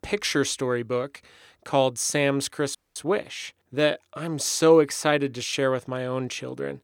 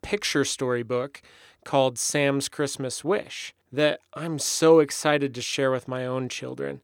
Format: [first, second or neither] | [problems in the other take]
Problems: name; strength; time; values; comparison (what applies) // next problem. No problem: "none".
second | audio cutting out; at 3 s